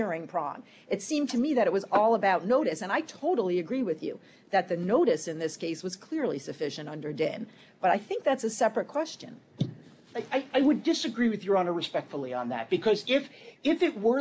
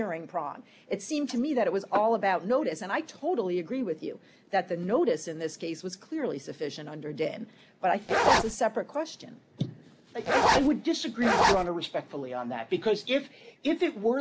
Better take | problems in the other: first | background sound (Zipper (clothing)); 5 dB above the speech

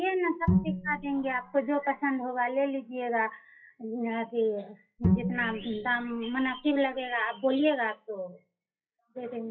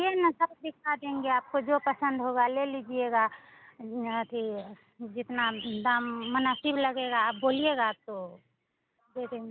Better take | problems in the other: second | noise reduction (classical method WPE with log-MMSE)

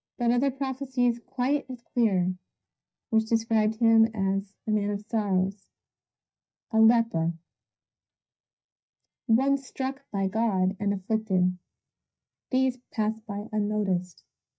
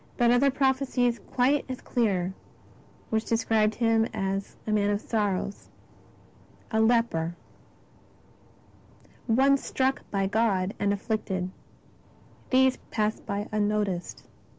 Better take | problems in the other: second | noise reduction (neural mask model DeepFilterNet 3)

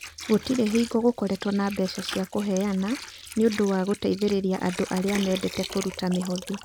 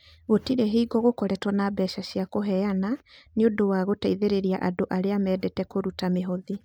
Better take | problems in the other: second | background sound (Water); 14 dB below the speech

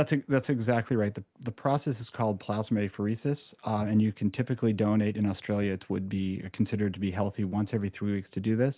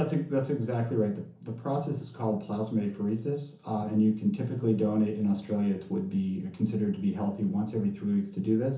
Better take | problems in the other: first | room echo; dies away in 0.7 s

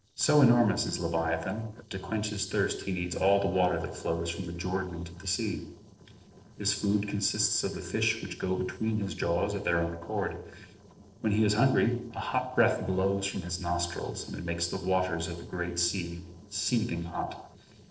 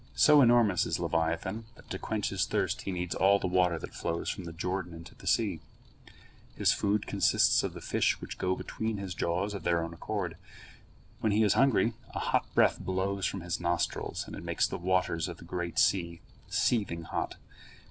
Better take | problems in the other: second | noise reduction (neural separator model SepFormer DNS4)

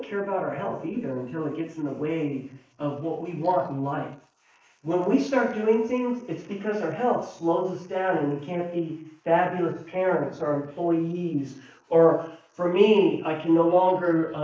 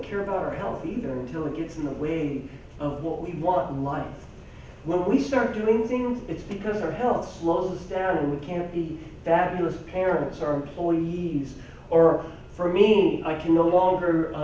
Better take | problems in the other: second | noise reduction (neural mask model Resemble Enhance denoiser)

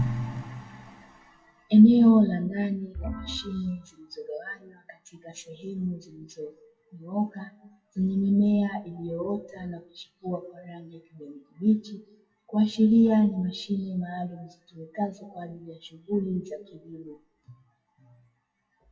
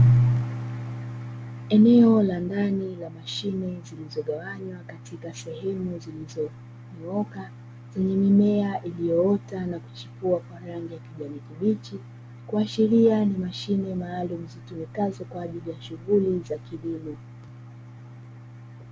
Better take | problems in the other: second | noise reduction (classical method WPE with log-MMSE)

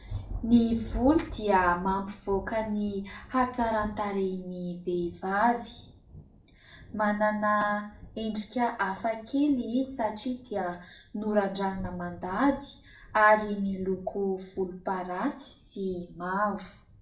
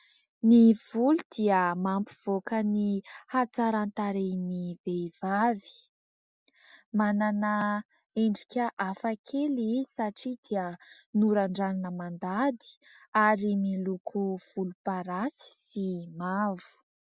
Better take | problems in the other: second | background sound (Thunder); 16 dB below the speech // room echo; dies away in 0.4 s

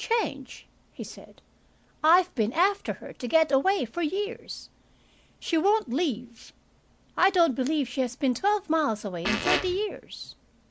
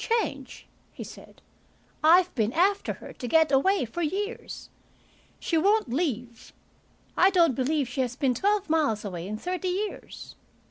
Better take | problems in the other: second | background sound (Fart); 1 dB below the speech

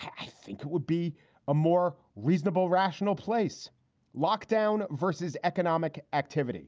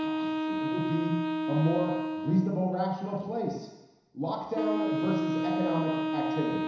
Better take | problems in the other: first | background sound (Wind instrument, woodwind instrument); as loud as the speech // room echo; dies away in 1 s

